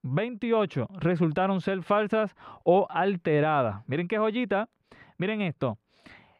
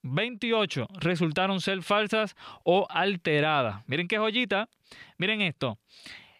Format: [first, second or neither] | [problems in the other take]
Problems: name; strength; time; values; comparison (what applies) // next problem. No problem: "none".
second | muffled; very; fading above 2 kHz